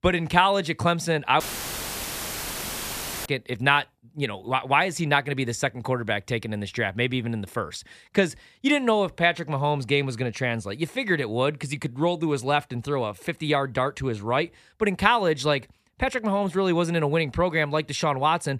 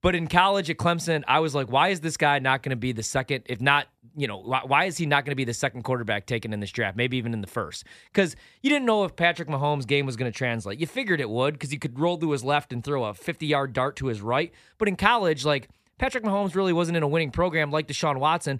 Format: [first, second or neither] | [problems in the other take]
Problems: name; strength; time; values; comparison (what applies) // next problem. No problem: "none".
second | audio cutting out; filled with static; at 1.5 s for 2 s